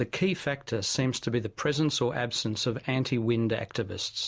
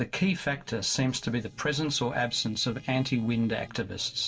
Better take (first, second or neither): first